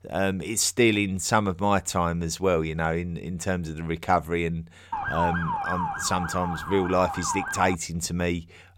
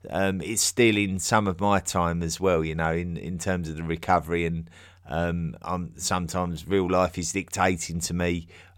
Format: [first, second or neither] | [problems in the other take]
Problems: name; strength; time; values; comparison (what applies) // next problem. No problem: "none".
second | siren; noticeable; from 5 to 8 s; peak 1 dB below the speech